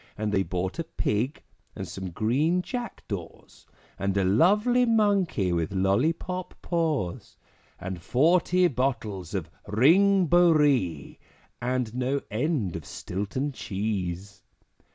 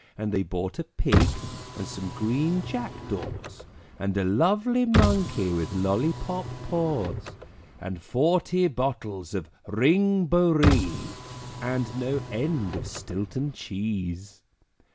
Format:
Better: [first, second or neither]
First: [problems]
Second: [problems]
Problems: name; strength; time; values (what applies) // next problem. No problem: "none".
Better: first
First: none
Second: background sound (Car); 3 dB below the speech